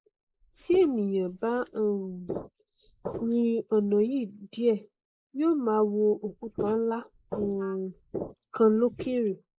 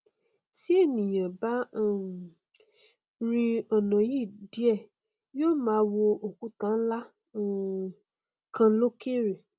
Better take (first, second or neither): second